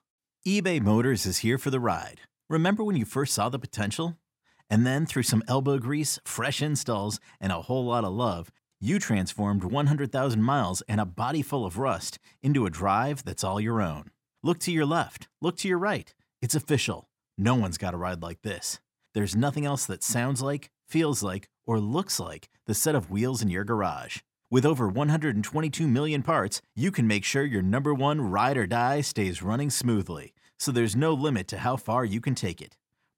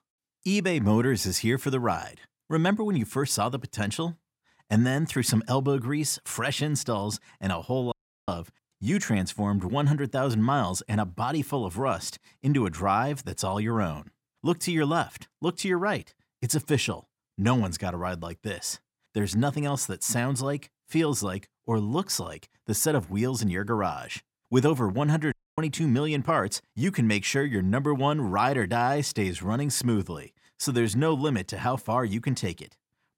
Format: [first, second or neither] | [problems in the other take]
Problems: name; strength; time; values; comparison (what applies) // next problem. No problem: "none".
first | audio cutting out; at 8 s and at 25 s